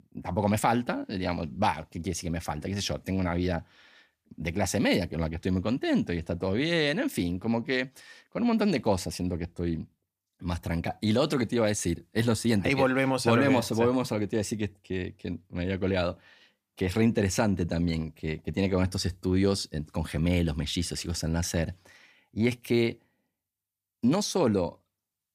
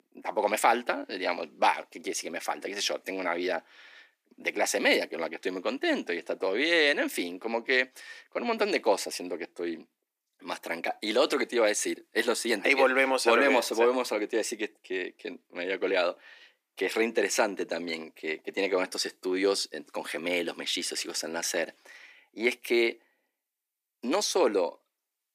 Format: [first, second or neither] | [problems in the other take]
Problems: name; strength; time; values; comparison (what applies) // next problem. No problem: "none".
first | thin; somewhat; fading below 300 Hz